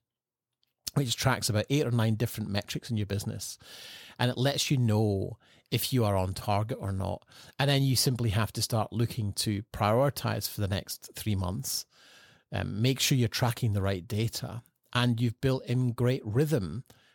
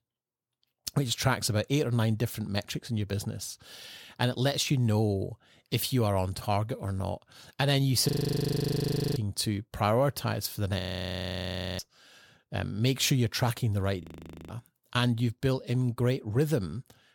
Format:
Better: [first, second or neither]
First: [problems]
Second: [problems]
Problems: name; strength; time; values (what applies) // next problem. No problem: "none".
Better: first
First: none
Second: audio freezing; at 8 s for 1 s, at 11 s for 1 s and at 14 s